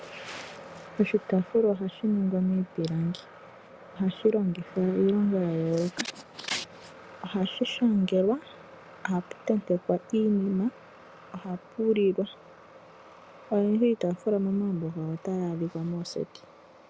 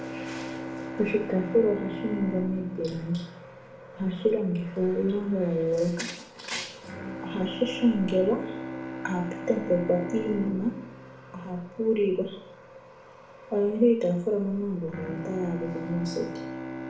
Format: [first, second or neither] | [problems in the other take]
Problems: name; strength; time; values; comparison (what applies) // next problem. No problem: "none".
first | background sound (Bowed string instrument); 11 dB below the speech // room echo; dies away in 0.5 s